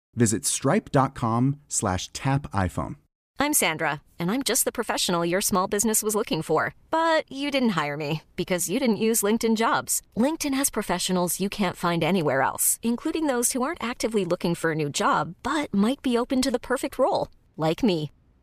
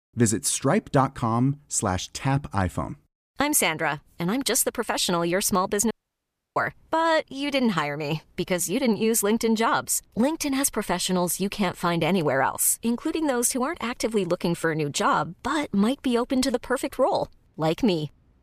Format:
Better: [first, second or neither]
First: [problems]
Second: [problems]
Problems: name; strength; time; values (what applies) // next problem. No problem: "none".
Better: first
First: none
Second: audio cutting out; at 6 s for 0.5 s